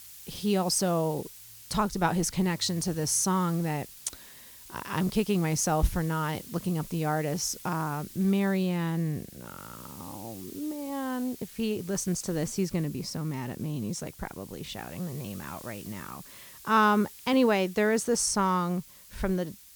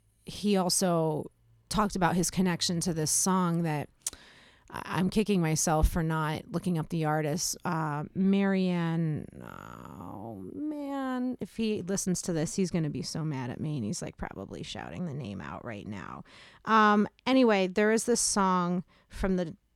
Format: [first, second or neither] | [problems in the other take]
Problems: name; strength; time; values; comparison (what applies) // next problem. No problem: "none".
second | hiss; noticeable; throughout; 15 dB below the speech